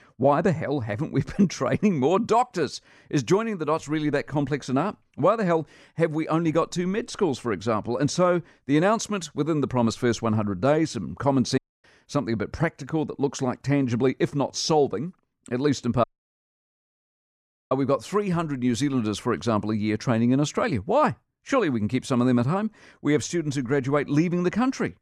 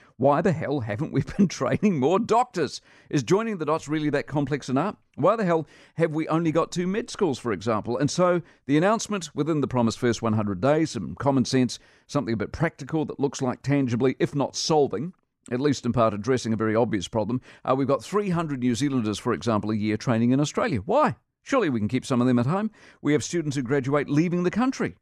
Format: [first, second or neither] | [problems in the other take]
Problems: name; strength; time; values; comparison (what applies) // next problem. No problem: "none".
second | audio cutting out; at 12 s and at 16 s for 1.5 s